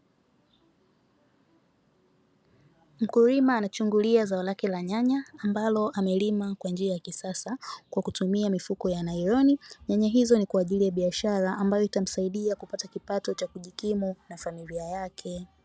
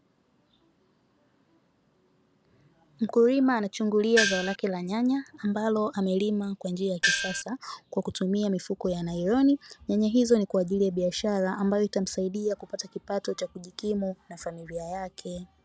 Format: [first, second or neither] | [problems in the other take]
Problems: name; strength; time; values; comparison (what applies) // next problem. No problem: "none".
first | background sound (Gong); 2 dB above the speech